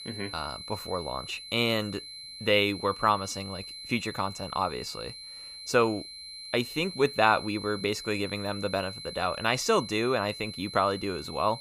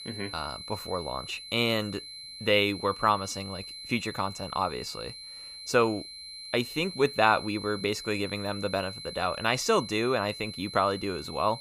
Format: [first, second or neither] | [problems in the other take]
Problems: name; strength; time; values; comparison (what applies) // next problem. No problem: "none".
neither | high-pitched whine; noticeable; throughout; 4 kHz, 10 dB below the speech; the same in both